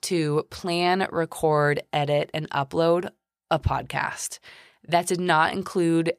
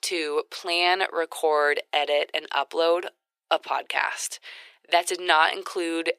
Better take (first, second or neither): first